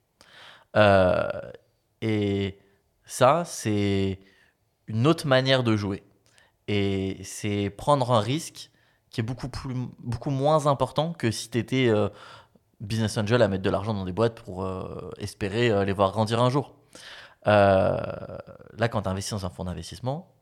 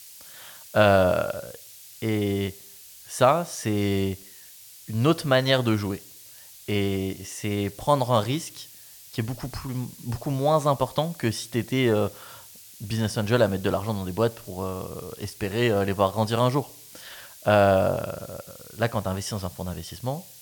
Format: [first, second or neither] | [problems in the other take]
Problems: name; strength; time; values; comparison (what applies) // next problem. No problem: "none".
first | hiss; noticeable; throughout; 20 dB below the speech